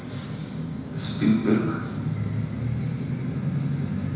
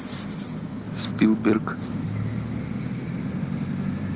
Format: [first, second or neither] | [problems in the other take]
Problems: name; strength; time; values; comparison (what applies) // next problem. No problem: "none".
second | room echo; dies away in 1 s